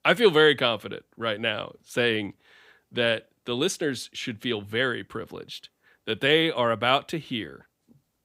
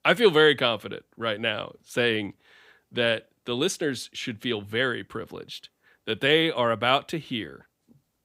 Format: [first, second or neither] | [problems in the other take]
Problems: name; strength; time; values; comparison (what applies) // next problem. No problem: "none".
neither | none